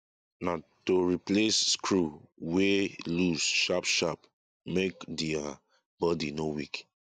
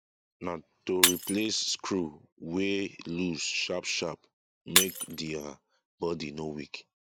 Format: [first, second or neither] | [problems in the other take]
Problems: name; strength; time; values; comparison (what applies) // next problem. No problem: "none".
first | background sound (Shatter); 1 dB below the speech